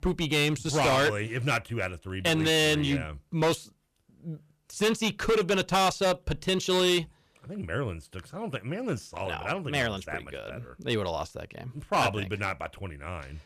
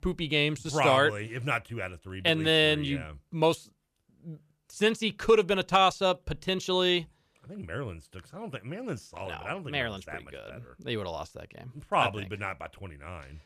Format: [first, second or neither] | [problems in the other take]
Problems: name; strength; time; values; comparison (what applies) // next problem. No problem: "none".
second | distortion; heavy; 8% of the sound clipped